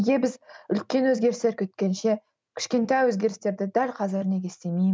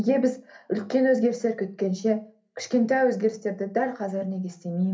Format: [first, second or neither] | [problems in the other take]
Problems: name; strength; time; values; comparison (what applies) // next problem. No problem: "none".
first | room echo; dies away in 0.3 s